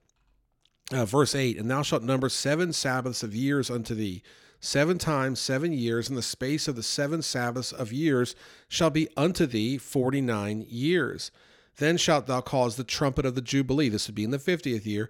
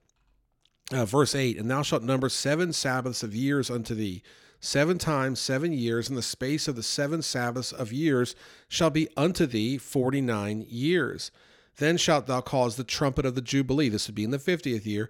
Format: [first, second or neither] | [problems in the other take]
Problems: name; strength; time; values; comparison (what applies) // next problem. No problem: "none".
neither | none